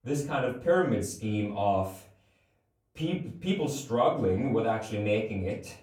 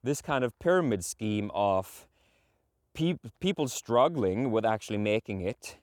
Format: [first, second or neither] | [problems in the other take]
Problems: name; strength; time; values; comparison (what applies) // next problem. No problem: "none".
second | off-mic speech; far // room echo; slight; dies away in 0.4 s